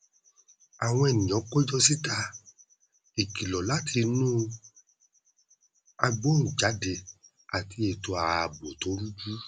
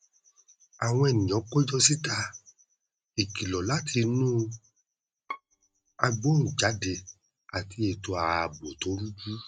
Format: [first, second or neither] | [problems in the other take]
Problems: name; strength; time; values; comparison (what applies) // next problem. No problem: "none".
first | noise reduction (neural mask model RNNoise)